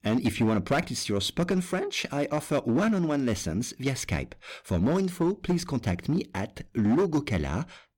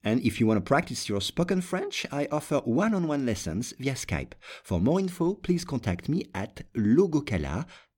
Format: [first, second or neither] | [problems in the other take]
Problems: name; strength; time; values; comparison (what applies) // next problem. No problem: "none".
second | distortion; slight; 7% of the sound clipped